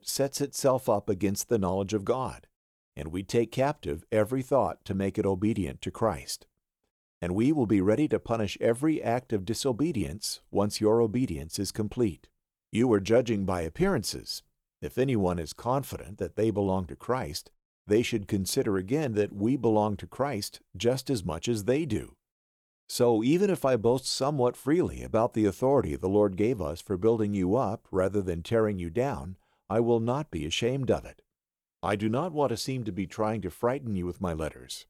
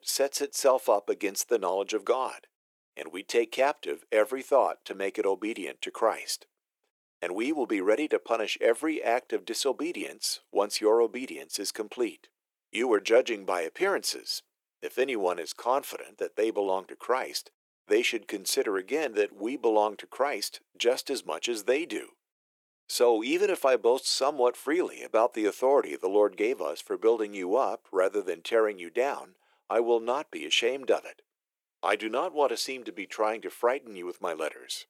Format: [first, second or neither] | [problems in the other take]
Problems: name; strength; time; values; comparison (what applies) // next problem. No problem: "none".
first | thin; very; fading below 350 Hz